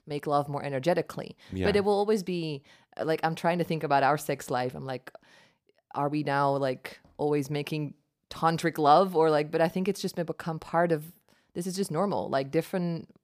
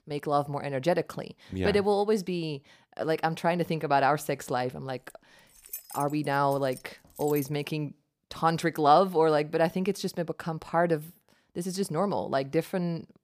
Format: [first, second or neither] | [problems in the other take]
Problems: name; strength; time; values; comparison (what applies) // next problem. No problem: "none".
first | jangling keys; faint; from 5 to 7.5 s; peak 10 dB below the speech